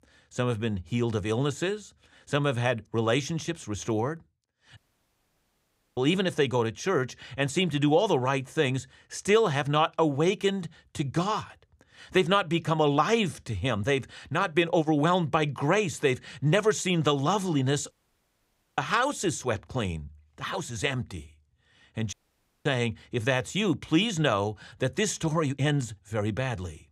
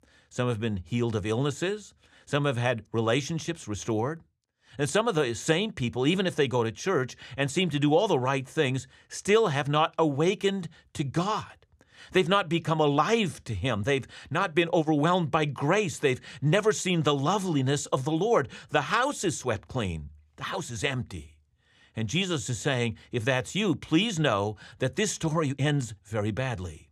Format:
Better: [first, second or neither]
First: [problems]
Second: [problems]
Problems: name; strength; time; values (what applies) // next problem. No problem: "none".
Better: second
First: audio cutting out; at 5 s for 1 s, at 18 s for 1 s and at 22 s for 0.5 s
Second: none